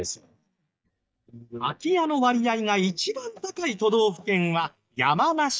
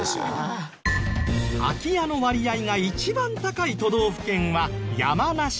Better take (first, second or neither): second